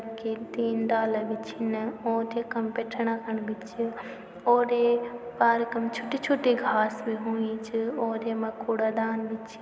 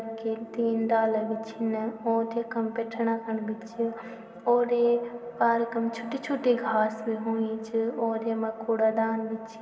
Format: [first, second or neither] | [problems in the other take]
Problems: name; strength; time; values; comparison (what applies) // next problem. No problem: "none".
first | room echo; dies away in 0.2 s